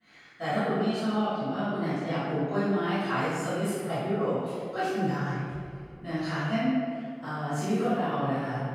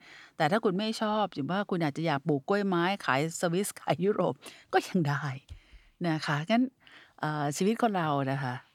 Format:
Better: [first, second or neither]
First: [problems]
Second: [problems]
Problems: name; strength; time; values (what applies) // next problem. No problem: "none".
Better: second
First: room echo; strong; dies away in 1.8 s // off-mic speech; far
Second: none